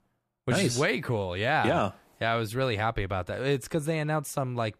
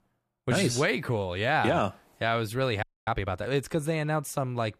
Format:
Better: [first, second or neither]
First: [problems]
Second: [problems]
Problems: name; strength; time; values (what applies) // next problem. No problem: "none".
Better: first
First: none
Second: audio freezing; at 3 s